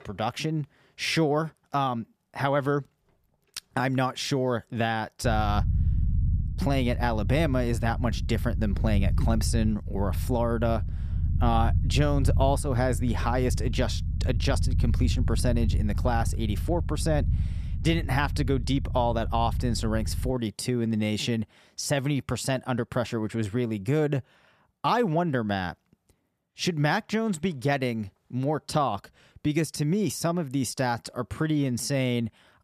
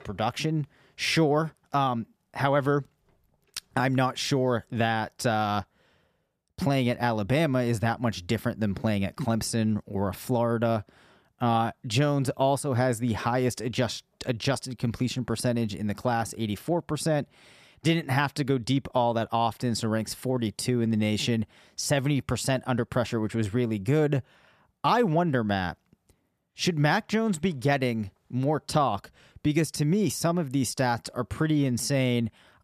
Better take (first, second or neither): second